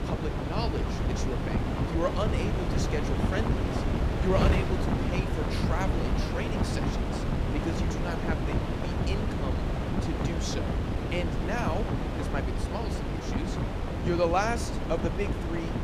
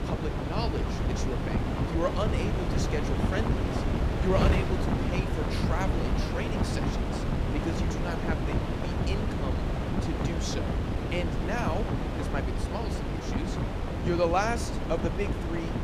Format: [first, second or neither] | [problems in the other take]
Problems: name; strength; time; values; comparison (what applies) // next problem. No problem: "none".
neither | wind noise on the microphone; heavy; as loud as the speech; the same in both